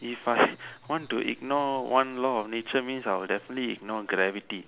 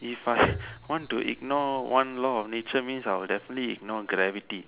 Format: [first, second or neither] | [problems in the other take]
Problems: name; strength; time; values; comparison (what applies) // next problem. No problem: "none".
first | background sound (Thump, thud); 14 dB below the speech